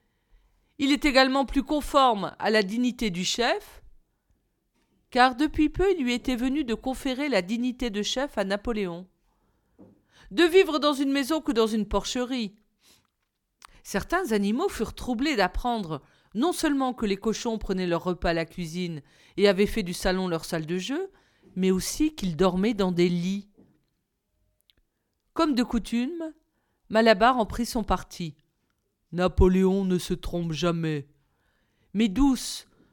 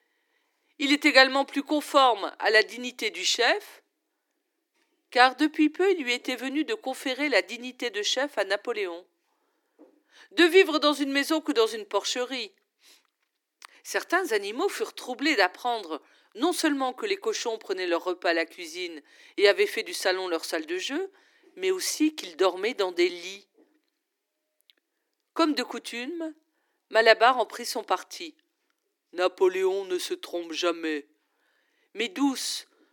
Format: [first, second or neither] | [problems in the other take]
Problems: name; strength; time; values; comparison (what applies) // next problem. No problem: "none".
first | thin; somewhat; fading below 300 Hz